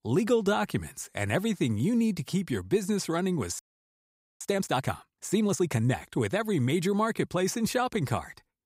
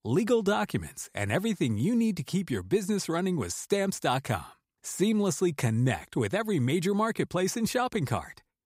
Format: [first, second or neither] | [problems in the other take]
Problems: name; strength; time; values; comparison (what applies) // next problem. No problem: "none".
second | audio freezing; at 3.5 s for 1 s